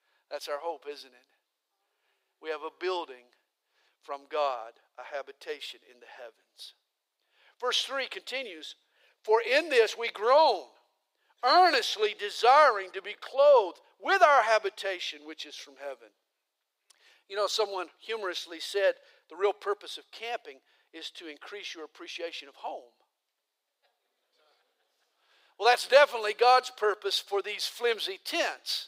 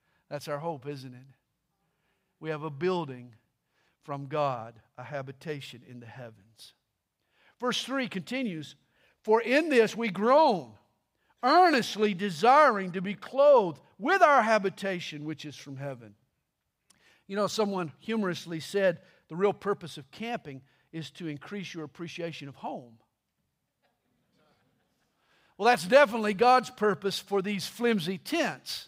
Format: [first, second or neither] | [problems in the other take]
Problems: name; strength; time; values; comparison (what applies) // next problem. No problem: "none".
second | thin; very; fading below 350 Hz